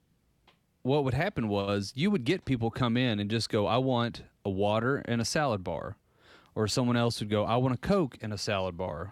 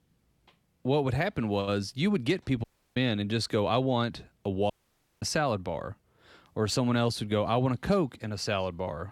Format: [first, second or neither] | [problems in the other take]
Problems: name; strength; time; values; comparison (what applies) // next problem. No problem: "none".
first | audio cutting out; at 2.5 s and at 4.5 s for 0.5 s